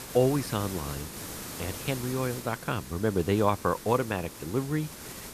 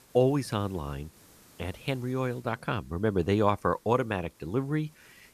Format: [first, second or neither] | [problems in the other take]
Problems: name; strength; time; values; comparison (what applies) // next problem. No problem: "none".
second | hiss; loud; throughout; 10 dB below the speech; faint in the second